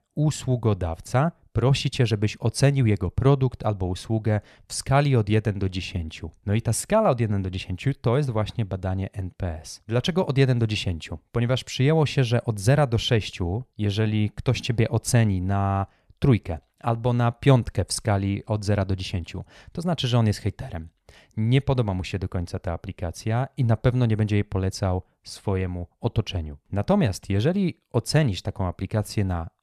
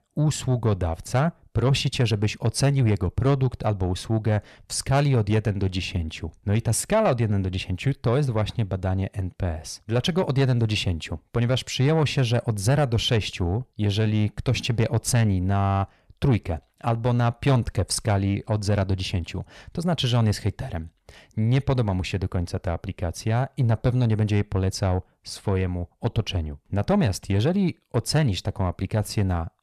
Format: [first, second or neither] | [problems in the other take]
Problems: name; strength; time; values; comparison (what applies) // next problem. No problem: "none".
first | distortion; slight; 10 dB below the speech